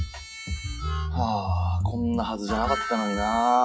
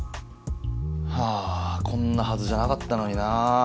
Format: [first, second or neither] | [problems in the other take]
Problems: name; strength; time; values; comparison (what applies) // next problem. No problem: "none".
second | noise reduction (classical method WPE with log-MMSE)